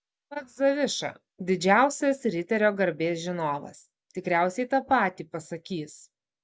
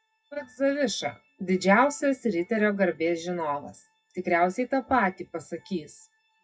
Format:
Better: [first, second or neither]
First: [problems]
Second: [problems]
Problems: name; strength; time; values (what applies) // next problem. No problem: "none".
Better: first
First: none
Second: noise reduction (classical method WPE with log-MMSE)